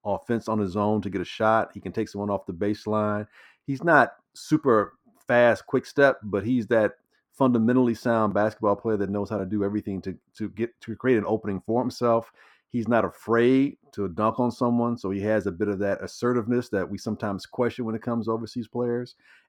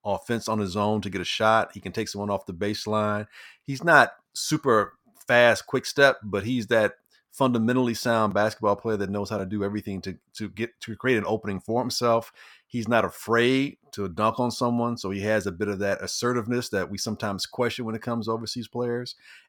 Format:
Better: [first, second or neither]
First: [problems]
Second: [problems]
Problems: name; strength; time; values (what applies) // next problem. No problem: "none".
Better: second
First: muffled; slightly; fading above 2 kHz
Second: none